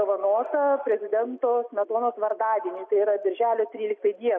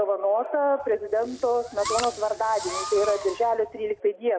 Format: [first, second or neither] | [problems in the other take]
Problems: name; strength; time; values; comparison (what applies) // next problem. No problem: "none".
first | background sound (Fireworks); 11 dB below the speech